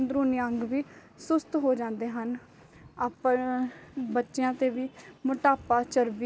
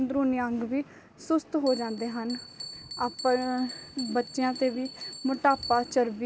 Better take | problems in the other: first | background sound (Bell); 15 dB below the speech

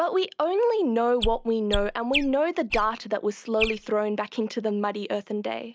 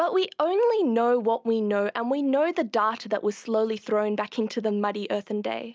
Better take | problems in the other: second | background sound (Chirp, tweet); 7 dB below the speech

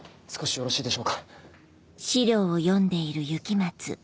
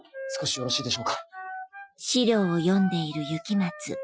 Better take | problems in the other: first | noise reduction (classical method Wiener filter)

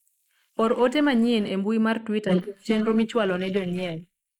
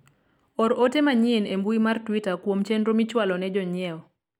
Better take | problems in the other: second | noise reduction (neural mask model Resemble Enhance denoiser)

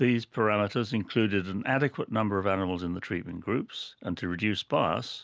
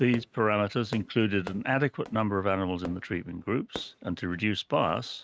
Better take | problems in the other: first | noise reduction (neural mask model RNNoise)

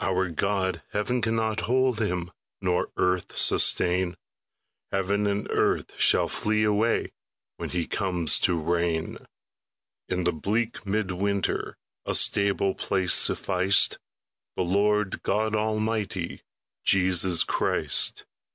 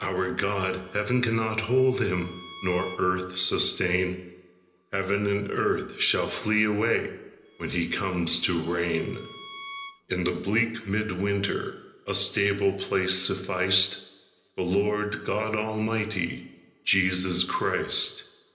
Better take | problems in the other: first | background sound (Bowed string instrument); 19 dB below the speech // room echo; dies away in 1 s

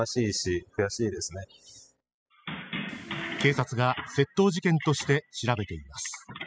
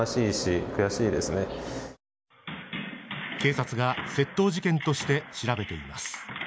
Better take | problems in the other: second | noise reduction (classical method spectral subtraction)

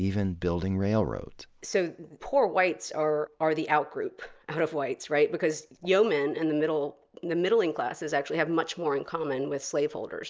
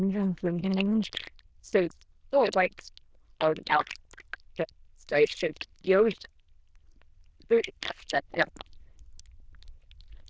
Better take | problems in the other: first | noise reduction (neural diffusion model UNIVERSE++)

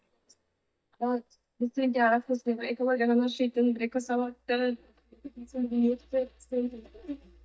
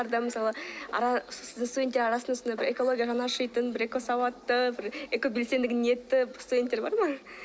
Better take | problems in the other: second | noise reduction (neural mask model DeepFilterNet 3)

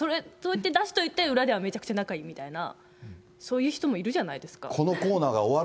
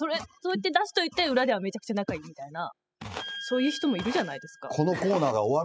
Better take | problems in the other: first | noise reduction (classical method spectral subtraction)

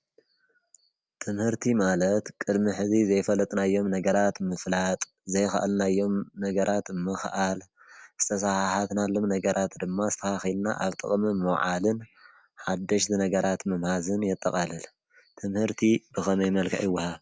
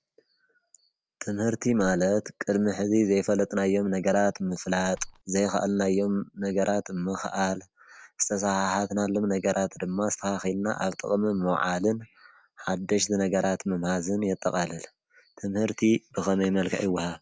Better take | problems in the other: first | background sound (Bird); 18 dB below the speech

